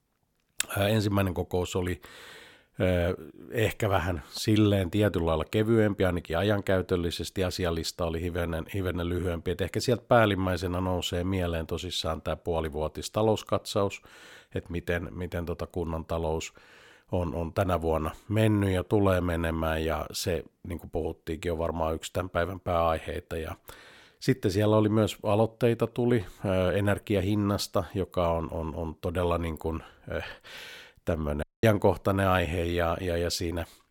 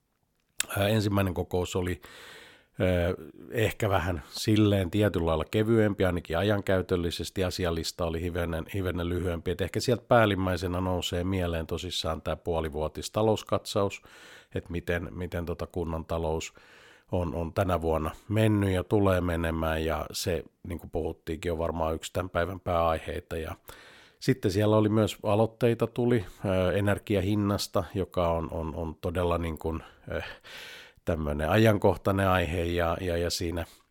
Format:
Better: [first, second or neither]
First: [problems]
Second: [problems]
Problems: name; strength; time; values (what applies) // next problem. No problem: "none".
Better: second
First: audio cutting out; at 31 s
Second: none